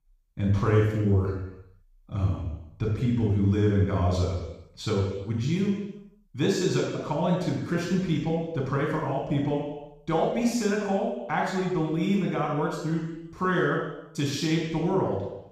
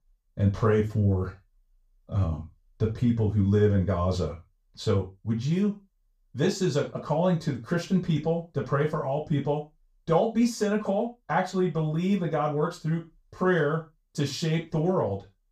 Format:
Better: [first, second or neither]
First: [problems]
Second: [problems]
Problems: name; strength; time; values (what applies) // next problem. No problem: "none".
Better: second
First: room echo; strong; dies away in 0.9 s // off-mic speech; far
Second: room echo; slight; dies away in 0.3 s // off-mic speech; far